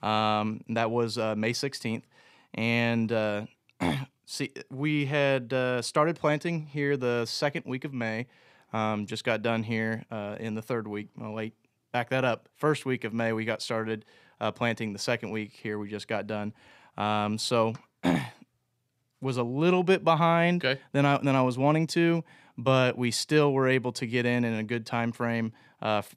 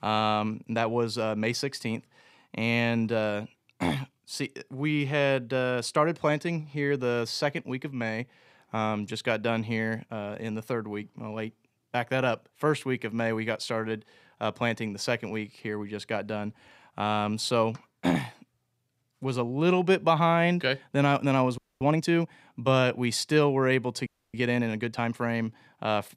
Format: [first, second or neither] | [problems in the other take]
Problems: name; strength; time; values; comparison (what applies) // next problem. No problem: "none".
first | audio freezing; at 22 s and at 24 s